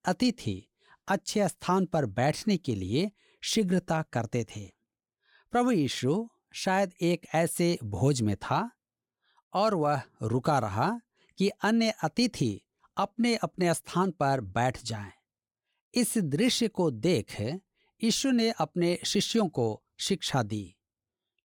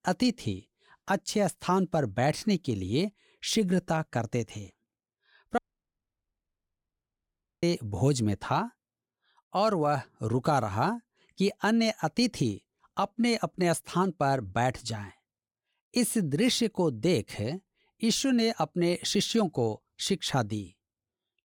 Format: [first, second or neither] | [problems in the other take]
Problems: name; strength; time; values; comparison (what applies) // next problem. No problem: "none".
first | audio cutting out; at 5.5 s for 2 s